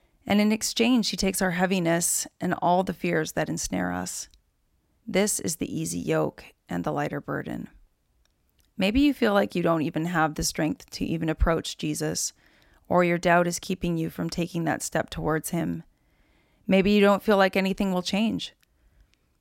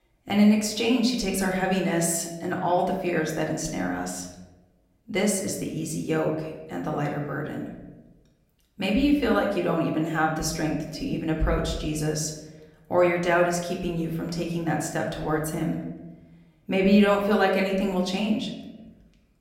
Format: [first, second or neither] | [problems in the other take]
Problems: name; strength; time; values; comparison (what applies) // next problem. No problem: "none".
first | room echo; slight; dies away in 0.9 s // off-mic speech; somewhat distant